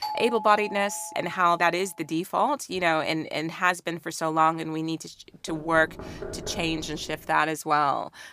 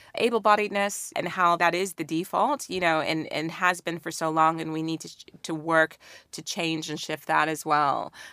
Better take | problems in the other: second | doorbell; noticeable; until 1.5 s; peak 6 dB below the speech // door banging; faint; from 5.5 to 7.5 s; peak 10 dB below the speech

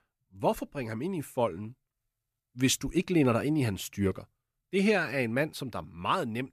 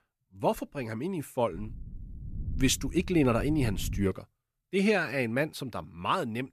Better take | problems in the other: first | wind noise on the microphone; occasional gusts; from 1.5 to 4 s; 25 dB below the speech

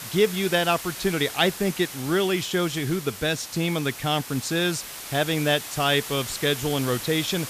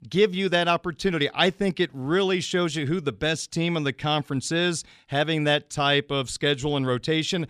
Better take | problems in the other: second | hiss; loud; throughout; 10 dB below the speech

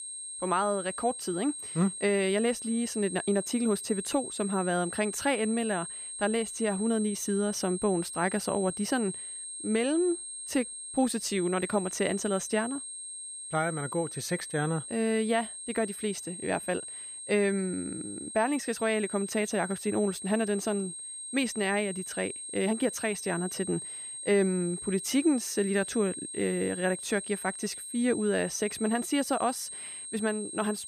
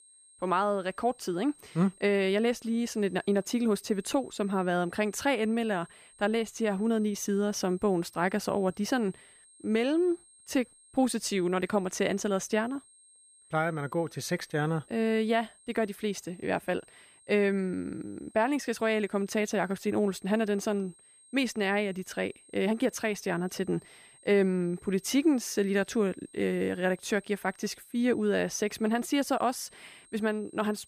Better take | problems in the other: second | high-pitched whine; loud; throughout; 8.5 kHz, 7 dB below the speech; faint in the second

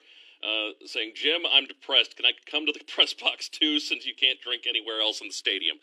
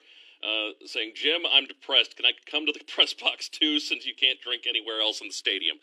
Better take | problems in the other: neither | thin; somewhat; fading below 300 Hz; the same in both

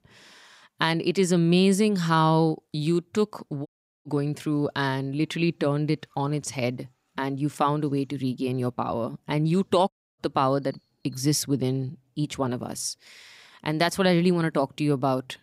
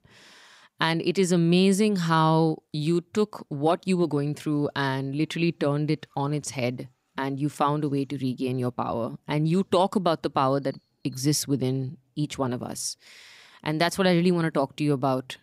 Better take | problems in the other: second | audio cutting out; at 3.5 s and at 10 s

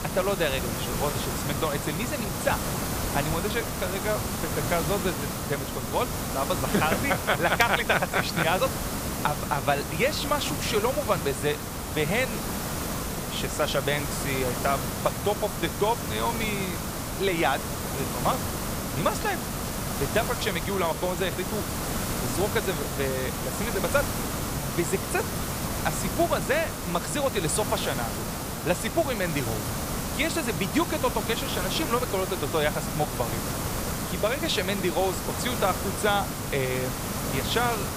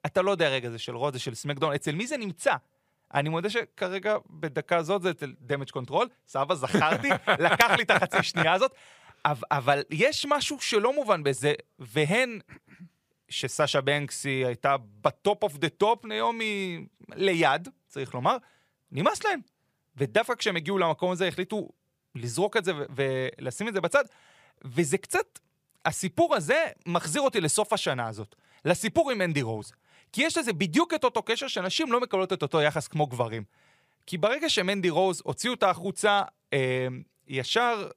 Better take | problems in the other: second | hiss; loud; throughout; 2 dB below the speech

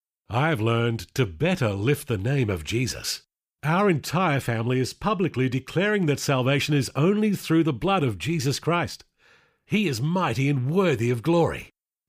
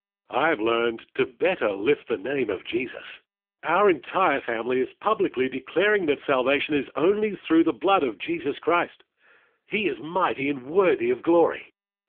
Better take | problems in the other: first | phone-call audio; poor line; nothing above 3.5 kHz

